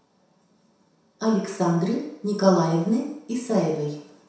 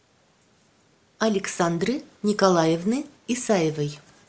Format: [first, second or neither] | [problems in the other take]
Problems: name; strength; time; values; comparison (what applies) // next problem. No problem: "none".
second | room echo; dies away in 0.7 s